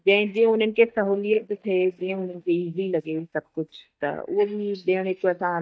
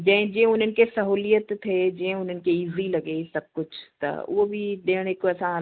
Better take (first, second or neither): second